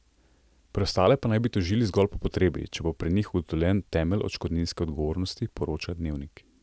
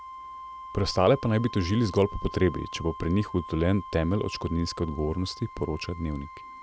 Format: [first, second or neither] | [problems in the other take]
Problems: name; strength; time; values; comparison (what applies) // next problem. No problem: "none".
first | background sound (Wind instrument, woodwind instrument); 14 dB below the speech